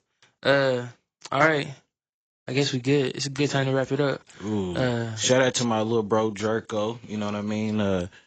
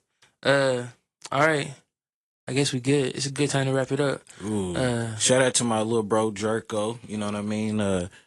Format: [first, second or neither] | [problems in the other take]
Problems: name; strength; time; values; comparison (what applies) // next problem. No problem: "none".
second | garbled, watery; badly; nothing above 7.5 kHz; slightly in the second